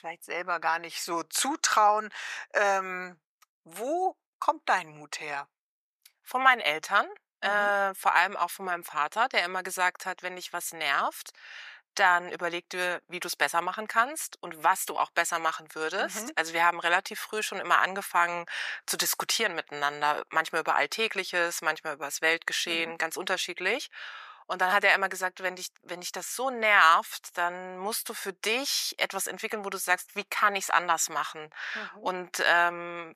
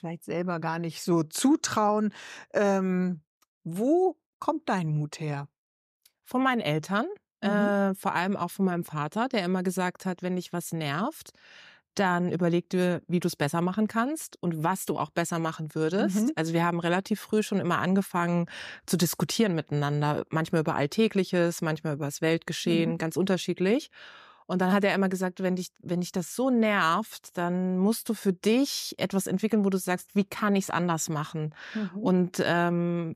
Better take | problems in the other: second | thin; very; fading below 800 Hz

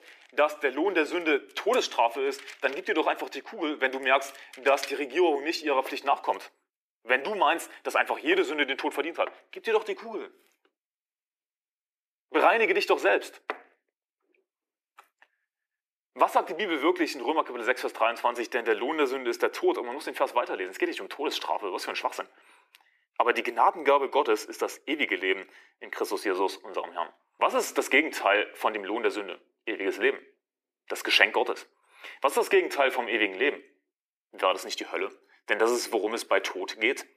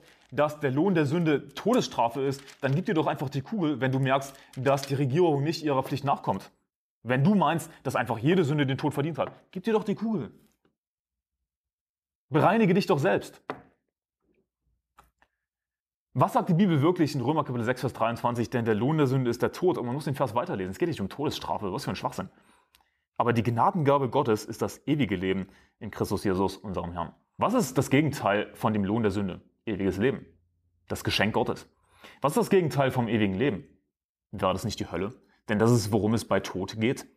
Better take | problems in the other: second | thin; very; fading below 350 Hz

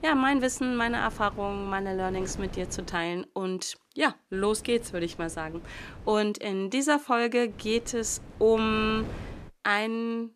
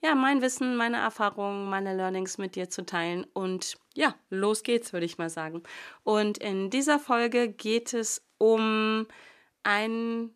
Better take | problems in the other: second | wind noise on the microphone; occasional gusts; until 3 s, from 4.5 to 6 s and from 7.5 to 9.5 s; 20 dB below the speech

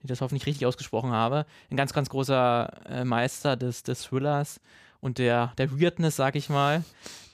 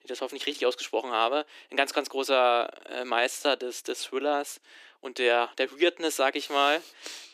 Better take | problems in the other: first | thin; somewhat; fading below 300 Hz

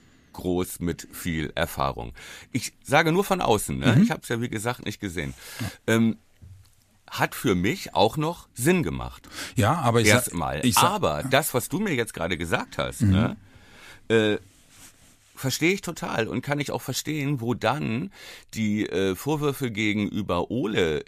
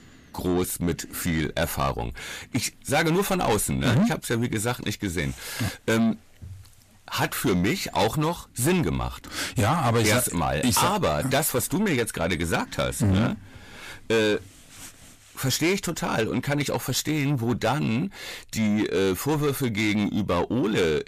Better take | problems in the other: first | distortion; heavy; 7 dB below the speech

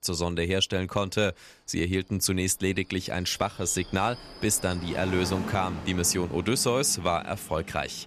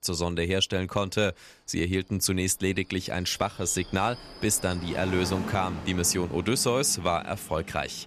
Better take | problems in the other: neither | train or aircraft noise; noticeable; throughout; 15 dB below the speech; the same in both

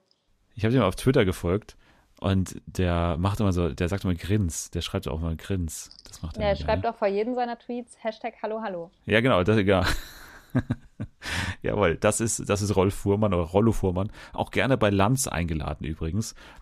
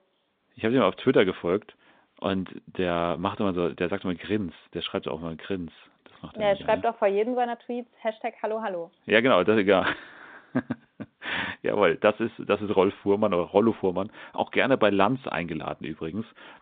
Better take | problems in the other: first | phone-call audio; nothing above 3.5 kHz

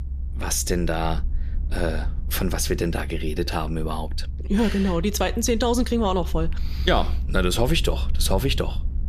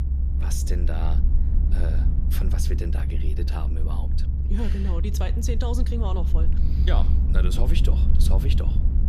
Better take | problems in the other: first | low rumble; loud; throughout; 4 dB below the speech; faint in the first

